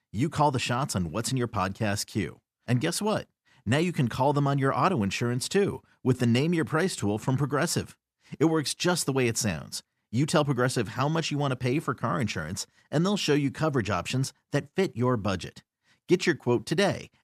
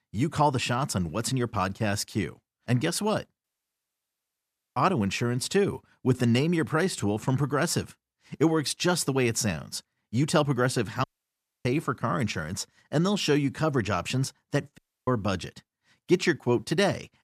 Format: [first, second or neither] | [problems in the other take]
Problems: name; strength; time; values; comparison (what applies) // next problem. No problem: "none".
first | audio cutting out; at 3.5 s for 1.5 s, at 11 s for 0.5 s and at 15 s